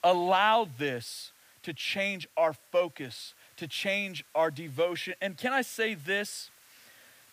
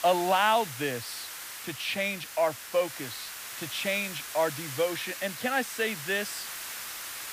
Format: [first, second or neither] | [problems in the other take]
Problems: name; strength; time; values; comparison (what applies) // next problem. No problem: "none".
first | hiss; loud; throughout; 8 dB below the speech; faint in the first